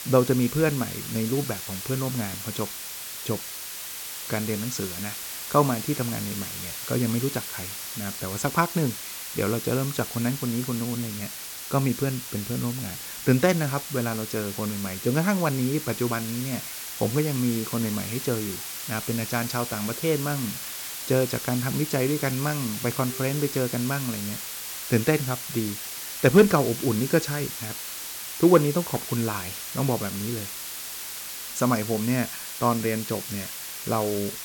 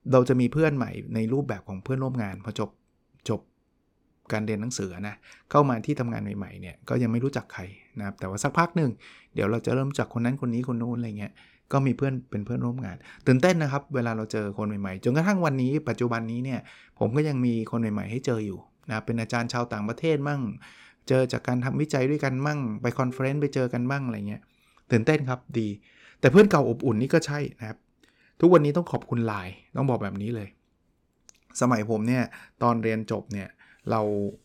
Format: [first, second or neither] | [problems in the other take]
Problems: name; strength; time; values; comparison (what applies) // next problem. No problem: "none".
second | hiss; loud; throughout; 6 dB below the speech